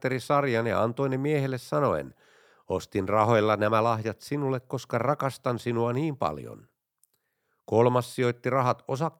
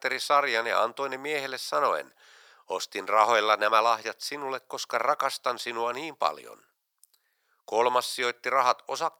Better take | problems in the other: first | thin; very; fading below 800 Hz

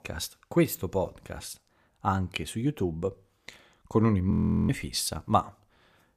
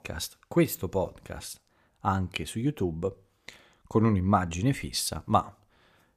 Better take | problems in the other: second | audio freezing; at 4.5 s

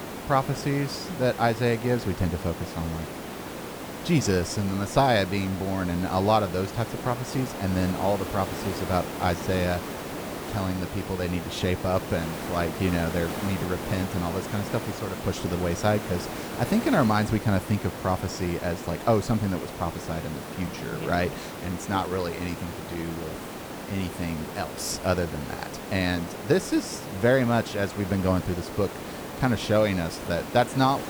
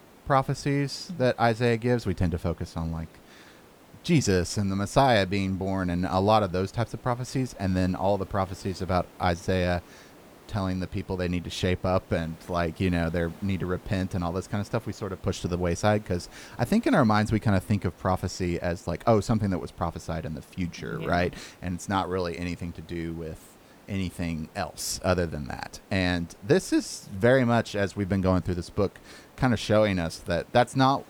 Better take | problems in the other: second | hiss; loud; throughout; 8 dB below the speech; faint in the second

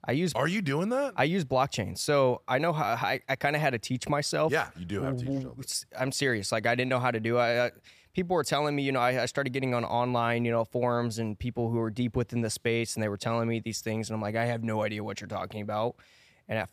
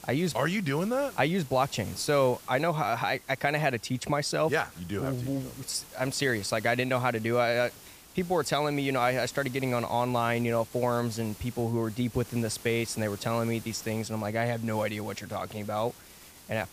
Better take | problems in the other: first | hiss; noticeable; throughout; 20 dB below the speech

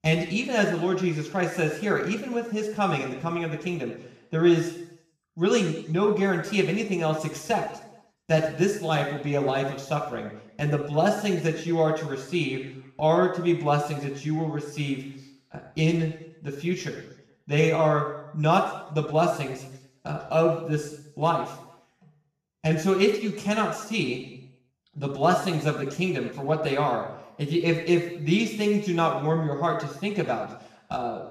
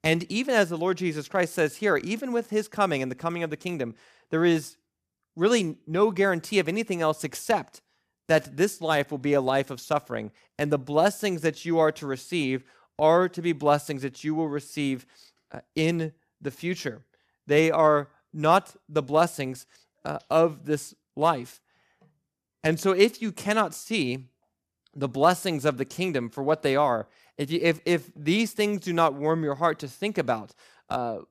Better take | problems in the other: second | room echo; noticeable; dies away in 0.8 s // off-mic speech; far

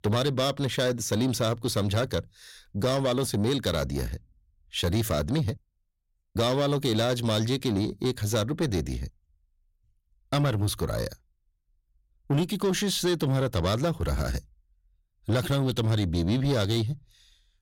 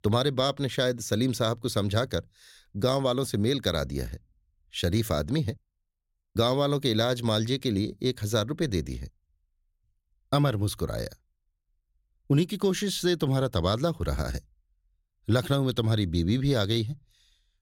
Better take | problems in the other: second | distortion; slight; 10 dB below the speech

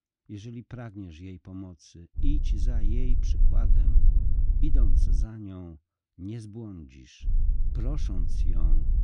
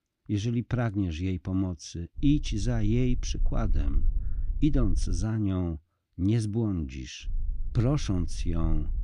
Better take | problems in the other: second | low rumble; loud; from 2 to 5 s and from 7 s on; 4 dB below the speech; faint in the second

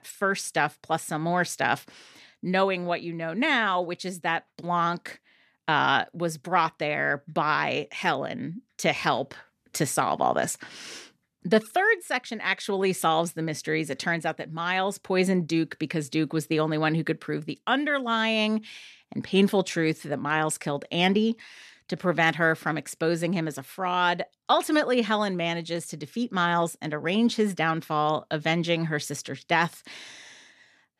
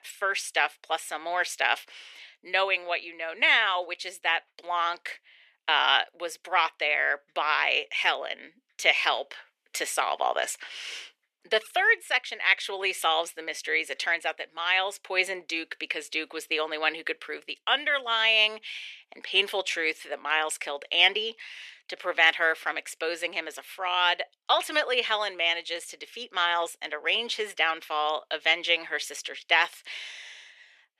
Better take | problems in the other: first | thin; very; fading below 450 Hz

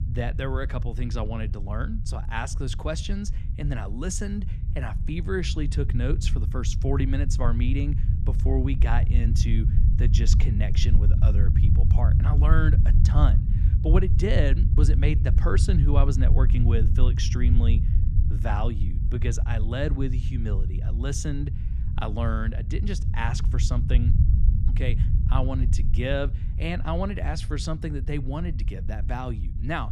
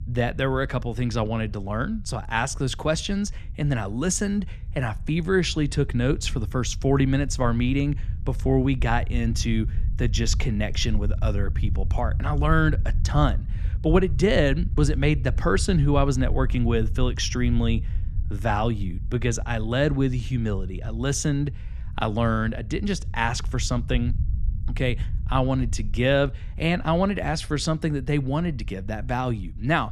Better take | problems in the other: second | low rumble; loud; throughout; 7 dB below the speech; faint in the second

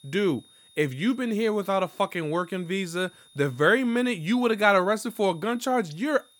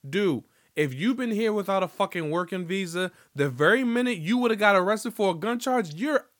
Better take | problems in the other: second | high-pitched whine; faint; throughout; 3.5 kHz, 30 dB below the speech

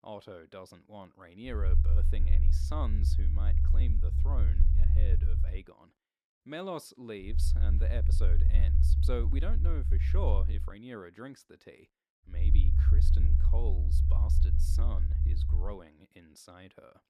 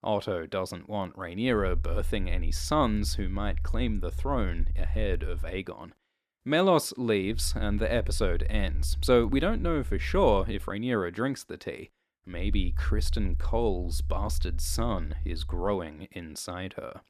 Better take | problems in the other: second | low rumble; loud; from 1.5 to 5.5 s, from 7.5 to 11 s and from 12 to 16 s; 3 dB below the speech; faint in the second

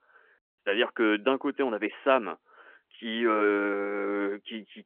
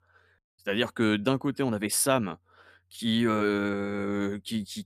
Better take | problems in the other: second | phone-call audio; nothing above 3.5 kHz

